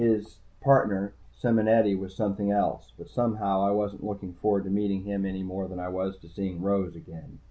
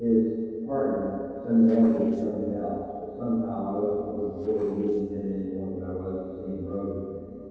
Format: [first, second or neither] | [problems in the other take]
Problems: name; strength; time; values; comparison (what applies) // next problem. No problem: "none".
first | noise reduction (neural separator model SepFormer DNS4)